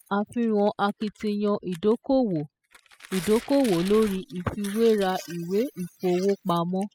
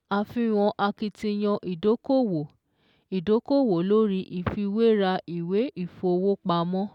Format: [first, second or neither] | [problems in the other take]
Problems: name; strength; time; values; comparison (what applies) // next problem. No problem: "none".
second | noise reduction (classical method spectral subtraction)